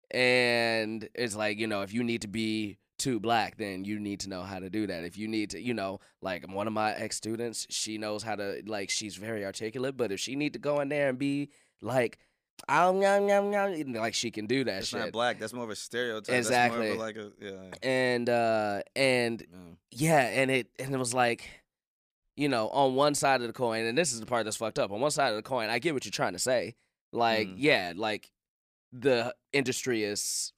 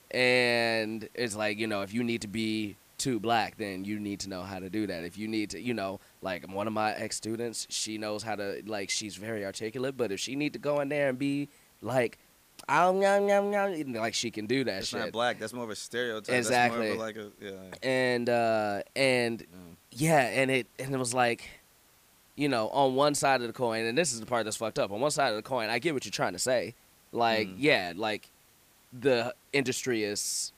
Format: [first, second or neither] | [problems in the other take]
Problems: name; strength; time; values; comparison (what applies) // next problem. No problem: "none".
first | hiss; faint; throughout; 30 dB below the speech